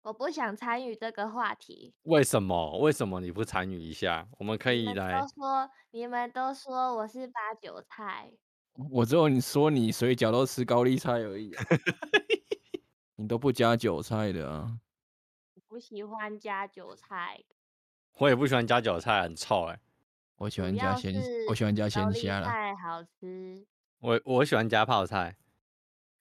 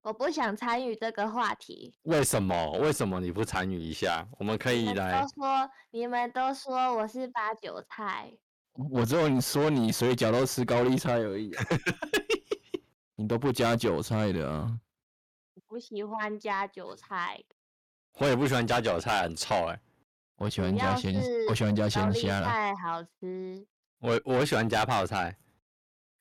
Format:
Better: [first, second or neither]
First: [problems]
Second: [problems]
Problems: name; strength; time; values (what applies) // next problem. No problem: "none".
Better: first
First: none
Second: distortion; heavy; 7 dB below the speech